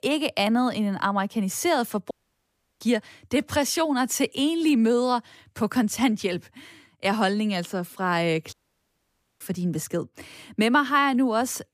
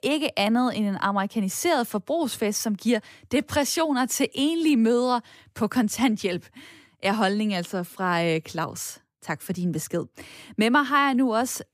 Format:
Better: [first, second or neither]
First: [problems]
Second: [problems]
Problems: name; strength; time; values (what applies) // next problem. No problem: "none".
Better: second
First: audio cutting out; at 2 s for 0.5 s and at 8.5 s for 1 s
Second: none